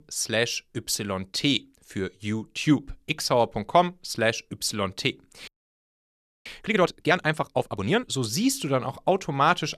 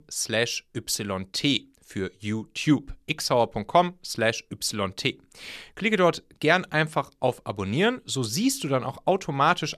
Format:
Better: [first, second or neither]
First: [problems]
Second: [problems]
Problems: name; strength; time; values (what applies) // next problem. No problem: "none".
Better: second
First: audio freezing; at 5.5 s for 1 s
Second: none